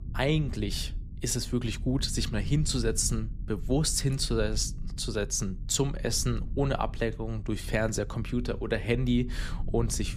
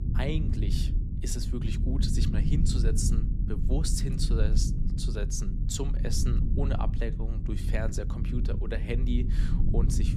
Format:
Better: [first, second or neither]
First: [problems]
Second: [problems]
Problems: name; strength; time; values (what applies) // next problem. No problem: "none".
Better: first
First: low rumble; faint; throughout; 20 dB below the speech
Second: low rumble; loud; throughout; 5 dB below the speech